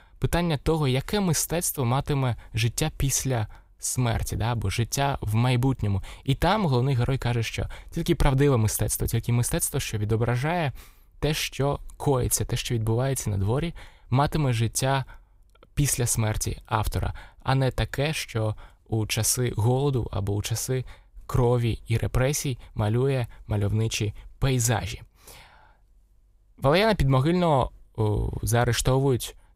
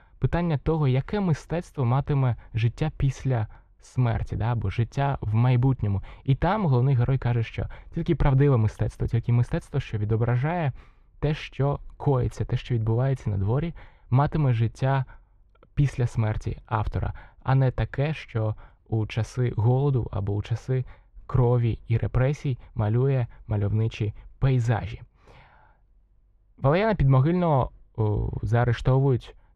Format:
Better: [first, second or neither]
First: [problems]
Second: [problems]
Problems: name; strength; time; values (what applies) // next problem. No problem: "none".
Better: first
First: none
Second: muffled; very; fading above 2 kHz